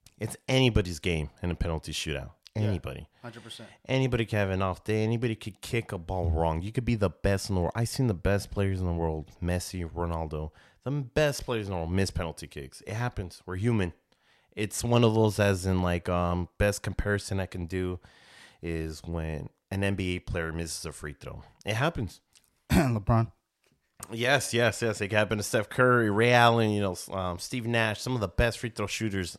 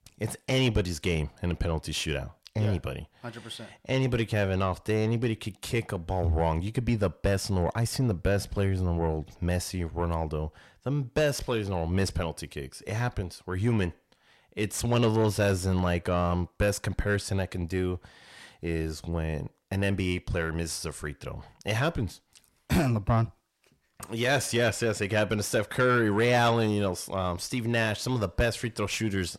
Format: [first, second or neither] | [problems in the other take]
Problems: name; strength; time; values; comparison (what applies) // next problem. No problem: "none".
first | distortion; slight; 10 dB below the speech